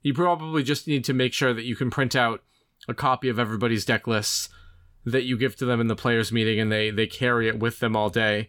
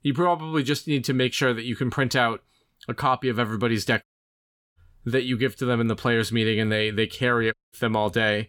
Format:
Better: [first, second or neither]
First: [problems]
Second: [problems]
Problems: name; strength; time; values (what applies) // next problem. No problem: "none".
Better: first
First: none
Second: audio cutting out; at 4 s for 0.5 s and at 7.5 s